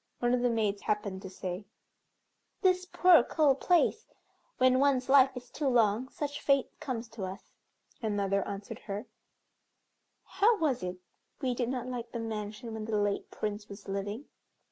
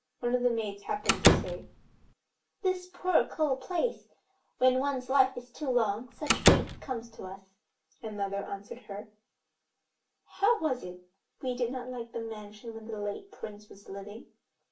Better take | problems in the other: first | background sound (Slam); 5 dB above the speech // room echo; dies away in 0.2 s

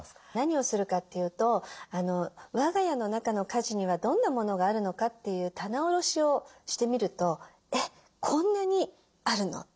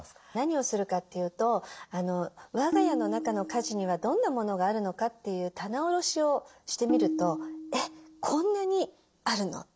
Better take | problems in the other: first | background sound (Tabla); 5 dB below the speech

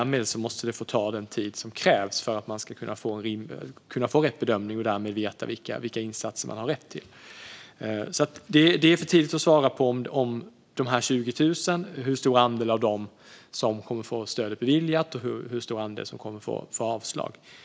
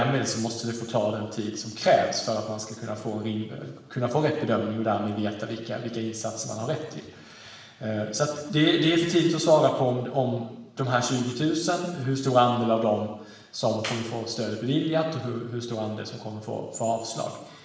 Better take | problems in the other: first | background sound (Clapping); 12 dB below the speech // room echo; dies away in 1 s

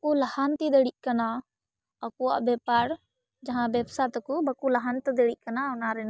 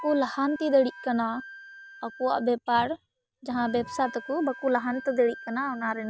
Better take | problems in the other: first | background sound (Wind instrument, woodwind instrument); 17 dB below the speech

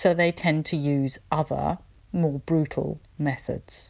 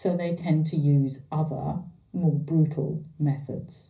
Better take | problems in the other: first | room echo; dies away in 0.5 s

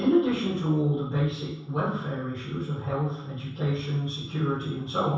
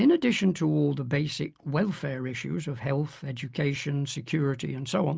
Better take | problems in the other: second | room echo; dies away in 0.7 s

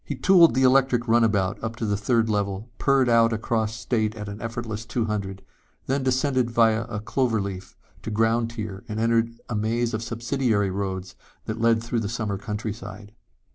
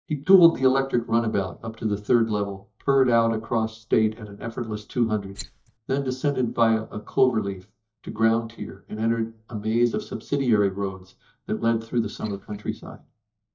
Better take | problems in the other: first | noise reduction (neural mask model DeepFilterNet 3)

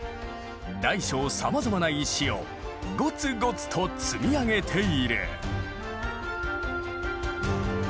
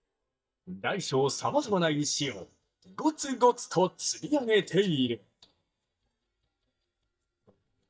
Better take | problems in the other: first | noise reduction (neural mask model DeepFilterNet 3)

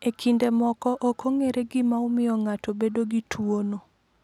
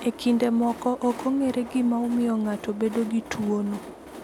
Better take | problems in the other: first | background sound (Train); 15 dB below the speech

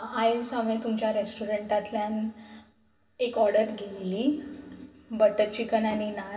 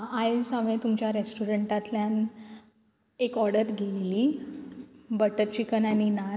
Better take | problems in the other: second | room echo; dies away in 0.2 s

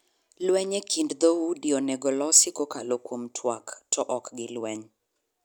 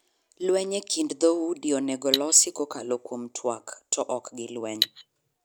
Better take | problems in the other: first | background sound (Cutlery, silverware); 4 dB below the speech

